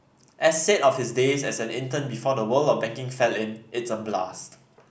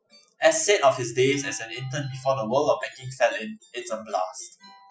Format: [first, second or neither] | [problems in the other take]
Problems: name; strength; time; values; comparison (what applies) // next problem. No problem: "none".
first | noise reduction (classical method Wiener filter)